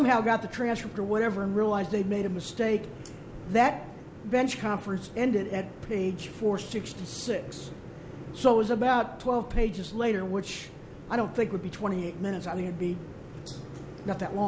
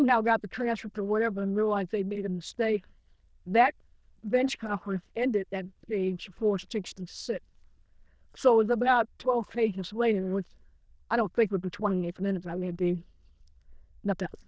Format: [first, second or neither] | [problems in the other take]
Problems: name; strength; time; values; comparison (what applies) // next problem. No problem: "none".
first | noise reduction (neural diffusion model UNIVERSE++)